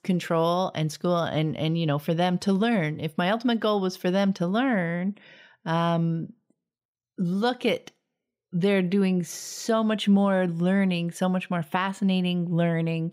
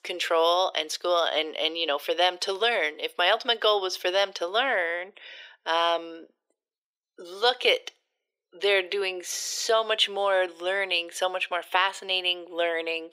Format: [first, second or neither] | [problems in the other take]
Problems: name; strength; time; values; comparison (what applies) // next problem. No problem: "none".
first | thin; very; fading below 400 Hz